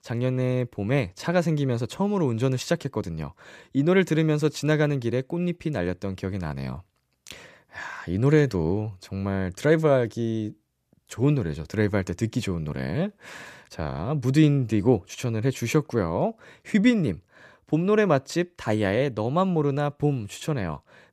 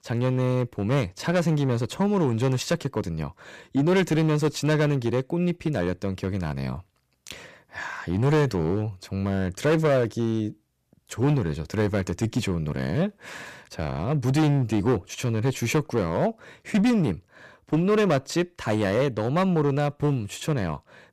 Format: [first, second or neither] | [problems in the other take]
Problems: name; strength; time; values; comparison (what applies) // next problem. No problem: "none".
first | distortion; slight; 7% of the sound clipped